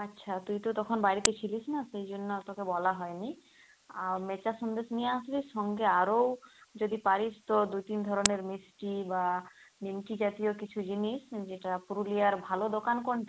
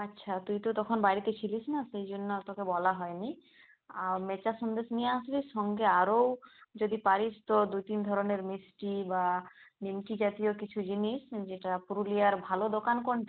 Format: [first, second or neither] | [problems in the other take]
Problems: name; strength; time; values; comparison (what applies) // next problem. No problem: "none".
second | background sound (Camera); 12 dB below the speech